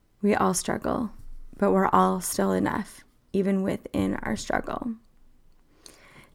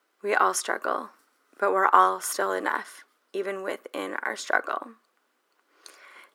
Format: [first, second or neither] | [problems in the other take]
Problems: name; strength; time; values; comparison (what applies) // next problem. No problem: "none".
first | thin; very; fading below 350 Hz